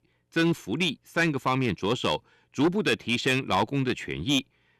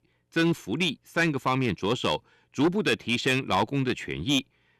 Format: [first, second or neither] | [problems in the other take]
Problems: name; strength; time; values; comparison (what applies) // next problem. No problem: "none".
neither | distortion; slight; 5% of the sound clipped; the same in both